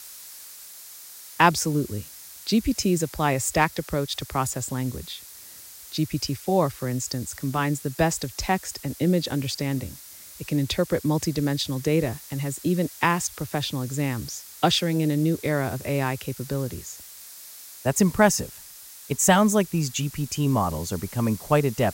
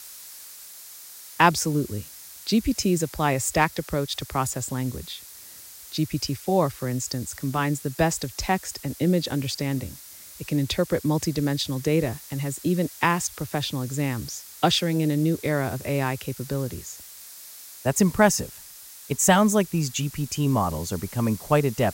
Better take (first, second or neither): neither